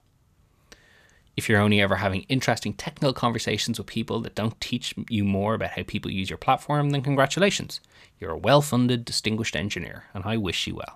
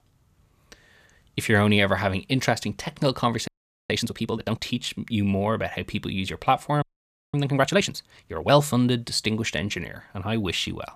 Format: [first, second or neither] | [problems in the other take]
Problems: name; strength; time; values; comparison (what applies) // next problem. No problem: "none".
first | audio freezing; at 3.5 s and at 7 s for 0.5 s